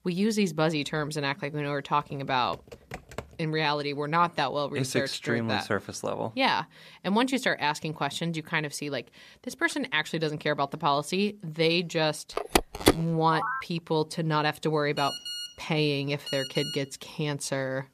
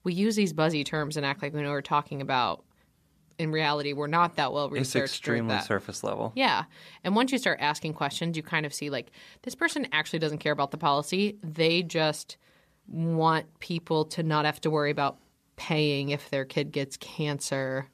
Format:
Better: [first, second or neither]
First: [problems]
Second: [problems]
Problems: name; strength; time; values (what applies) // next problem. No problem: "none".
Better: second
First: keyboard typing; faint; from 2 to 3.5 s; peak 10 dB below the speech // phone ringing; loud; from 12 to 14 s; peak 4 dB above the speech // phone ringing; noticeable; from 15 to 17 s; peak 5 dB below the speech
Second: none